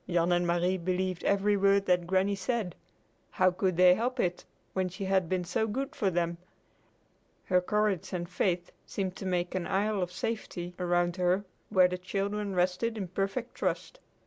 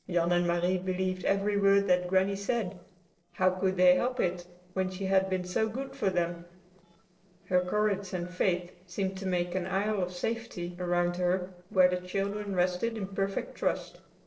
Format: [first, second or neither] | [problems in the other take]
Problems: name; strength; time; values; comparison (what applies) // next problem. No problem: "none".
first | noise reduction (neural separator model SepFormer DNS4)